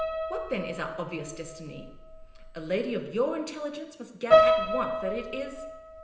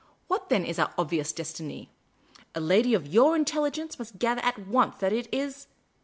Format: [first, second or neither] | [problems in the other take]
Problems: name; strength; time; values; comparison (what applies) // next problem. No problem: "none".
second | background sound (Piano); 5 dB above the speech // room echo; dies away in 0.9 s